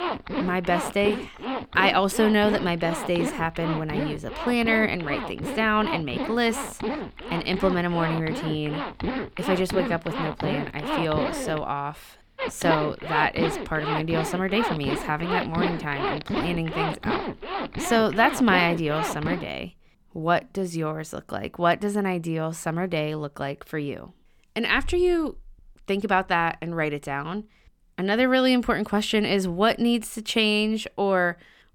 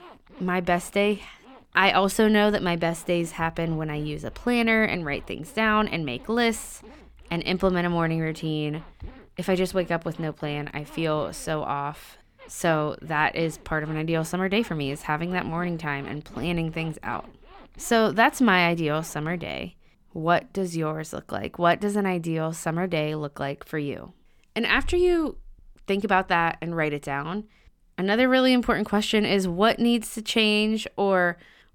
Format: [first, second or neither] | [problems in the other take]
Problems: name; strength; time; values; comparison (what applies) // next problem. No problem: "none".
second | household noises; loud; until 19 s; 5 dB below the speech; faint in the second